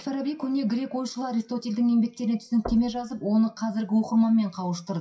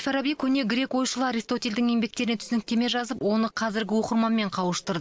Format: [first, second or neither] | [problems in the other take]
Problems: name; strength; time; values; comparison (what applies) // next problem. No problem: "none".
second | noise reduction (classical method WPE with log-MMSE)